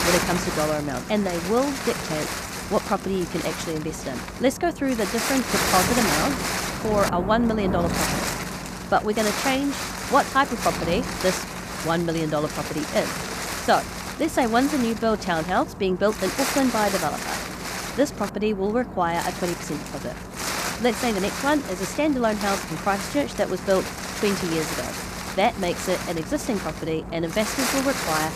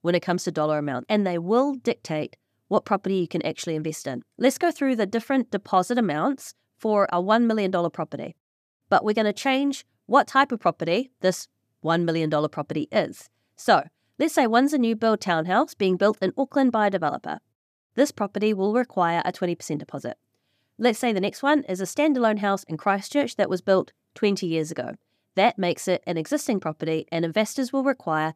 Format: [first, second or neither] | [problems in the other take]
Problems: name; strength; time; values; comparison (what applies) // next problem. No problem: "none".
second | wind noise on the microphone; heavy; 4 dB below the speech